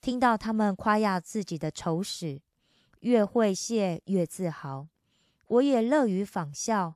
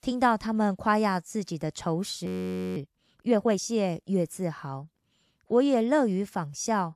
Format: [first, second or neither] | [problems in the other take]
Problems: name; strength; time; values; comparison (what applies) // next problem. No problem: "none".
first | audio freezing; at 2.5 s for 0.5 s